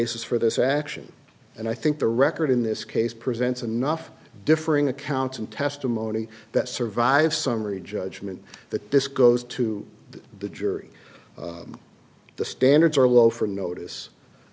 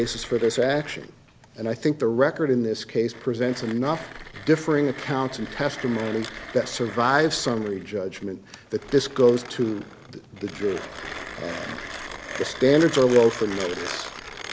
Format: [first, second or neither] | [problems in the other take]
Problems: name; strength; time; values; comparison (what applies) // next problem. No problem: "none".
first | background sound (Mechanisms); 14 dB below the speech